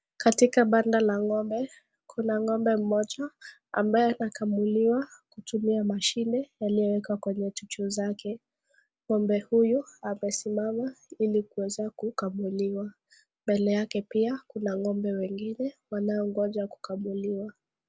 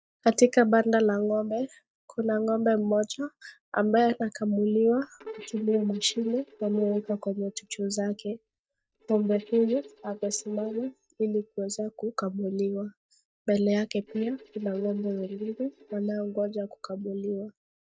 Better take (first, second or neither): first